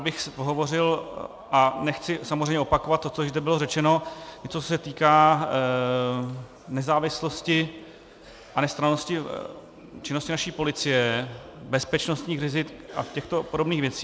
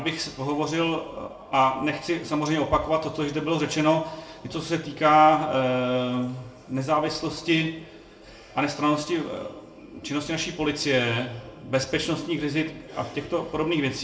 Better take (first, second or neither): first